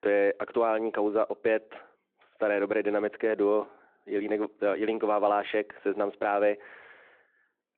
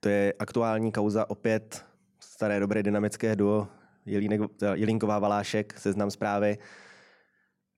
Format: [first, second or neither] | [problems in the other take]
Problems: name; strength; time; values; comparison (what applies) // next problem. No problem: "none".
second | phone-call audio